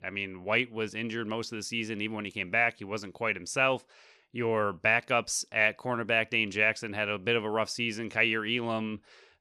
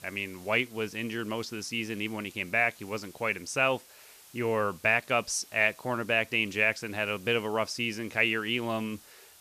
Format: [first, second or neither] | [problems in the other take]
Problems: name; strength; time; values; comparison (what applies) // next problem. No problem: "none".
first | hiss; faint; throughout; 25 dB below the speech